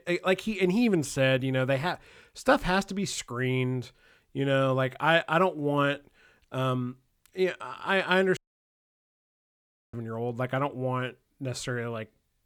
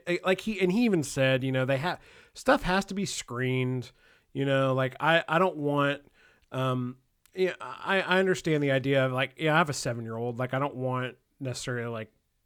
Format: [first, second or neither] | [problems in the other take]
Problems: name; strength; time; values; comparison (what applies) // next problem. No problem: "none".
second | audio cutting out; at 8.5 s for 1.5 s